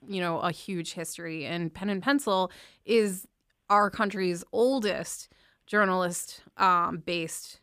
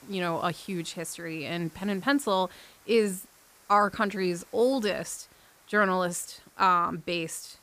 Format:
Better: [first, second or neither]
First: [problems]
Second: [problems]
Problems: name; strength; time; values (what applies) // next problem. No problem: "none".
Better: first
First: none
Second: hiss; faint; throughout; 25 dB below the speech